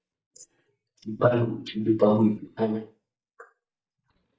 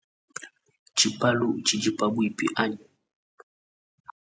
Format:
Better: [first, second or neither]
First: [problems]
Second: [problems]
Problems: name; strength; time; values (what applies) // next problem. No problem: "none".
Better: second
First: noise reduction (neural mask model DeepFilterNet 3)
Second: none